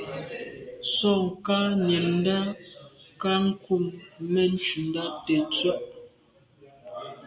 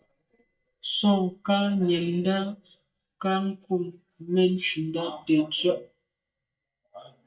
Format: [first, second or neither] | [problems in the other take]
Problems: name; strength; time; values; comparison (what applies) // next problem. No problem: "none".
first | noise reduction (neural mask model DeepFilterNet 3)